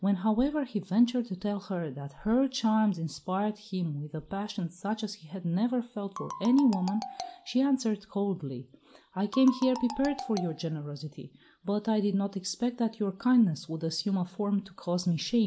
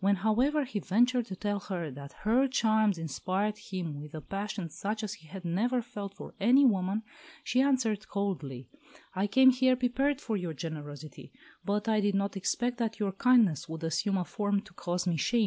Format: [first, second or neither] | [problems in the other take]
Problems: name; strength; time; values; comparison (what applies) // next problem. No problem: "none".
second | background sound (Marimba, xylophone); 12 dB below the speech // room echo; dies away in 0.3 s